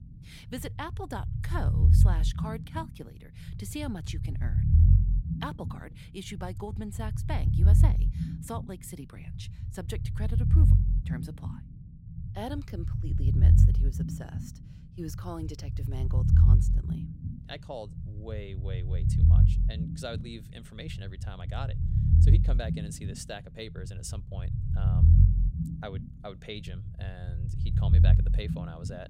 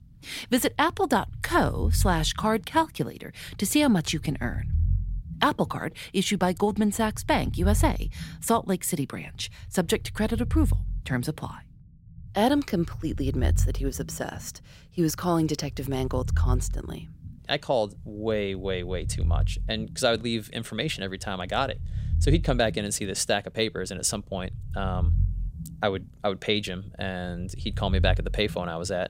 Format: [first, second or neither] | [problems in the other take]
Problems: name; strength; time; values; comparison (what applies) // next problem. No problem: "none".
second | low rumble; loud; throughout; as loud as the speech; faint in the second